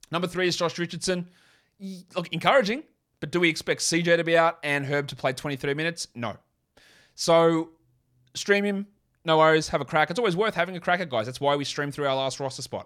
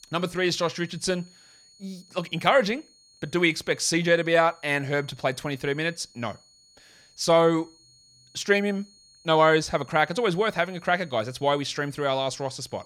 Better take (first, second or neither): first